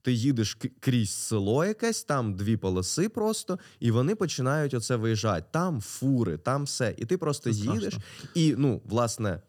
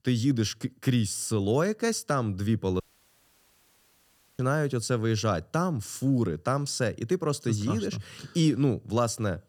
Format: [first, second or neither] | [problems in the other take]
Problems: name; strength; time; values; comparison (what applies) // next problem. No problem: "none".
first | audio cutting out; at 3 s for 1.5 s